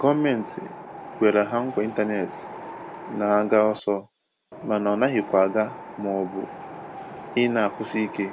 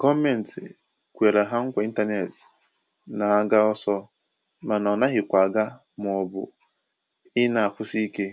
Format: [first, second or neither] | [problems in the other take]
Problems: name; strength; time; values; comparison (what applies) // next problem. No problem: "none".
second | background sound (Wind); 14 dB below the speech